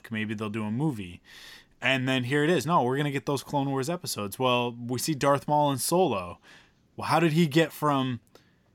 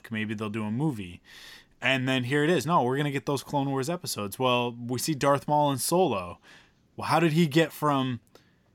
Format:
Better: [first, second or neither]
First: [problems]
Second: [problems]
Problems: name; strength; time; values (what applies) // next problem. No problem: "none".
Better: neither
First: none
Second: none